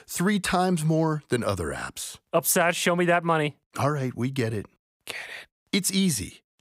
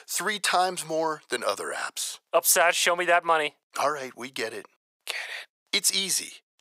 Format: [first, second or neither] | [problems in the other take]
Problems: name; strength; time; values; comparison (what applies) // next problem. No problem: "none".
first | thin; very; fading below 650 Hz